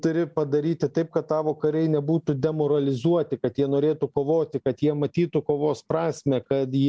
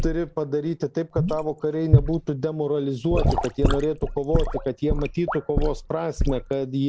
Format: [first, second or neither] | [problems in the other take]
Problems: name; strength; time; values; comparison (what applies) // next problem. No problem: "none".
first | background sound (Sink (filling or washing) / Gurgling / Liquid); as loud as the speech